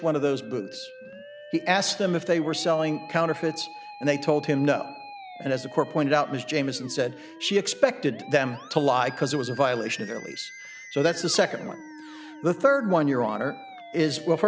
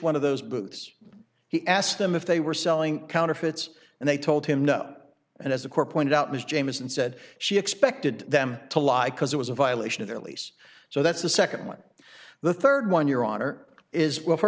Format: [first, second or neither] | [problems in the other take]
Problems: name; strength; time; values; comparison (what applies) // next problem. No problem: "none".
second | background sound (Musical instrument); 17 dB below the speech